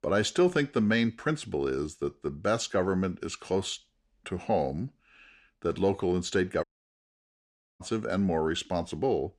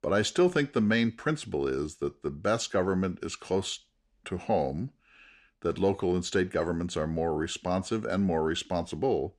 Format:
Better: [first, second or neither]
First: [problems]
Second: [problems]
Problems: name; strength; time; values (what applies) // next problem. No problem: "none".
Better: second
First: audio cutting out; at 6.5 s for 1 s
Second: none